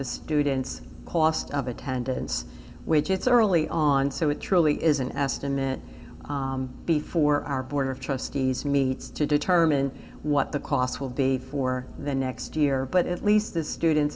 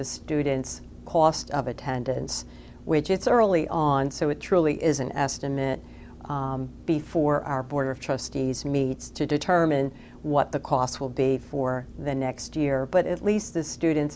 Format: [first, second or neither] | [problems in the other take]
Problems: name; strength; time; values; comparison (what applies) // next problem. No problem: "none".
second | room echo; dies away in 0.6 s